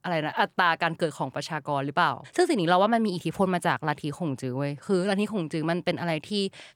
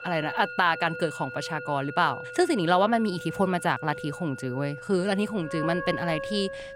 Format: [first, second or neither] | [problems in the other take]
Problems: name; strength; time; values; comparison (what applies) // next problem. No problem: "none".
first | background music; noticeable; throughout; 10 dB below the speech